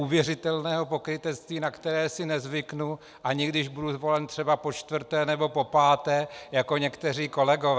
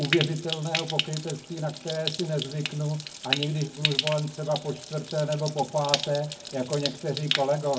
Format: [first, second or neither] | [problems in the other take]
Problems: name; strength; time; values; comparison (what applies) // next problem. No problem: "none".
first | background sound (Stream); 4 dB below the speech // room echo; dies away in 0.3 s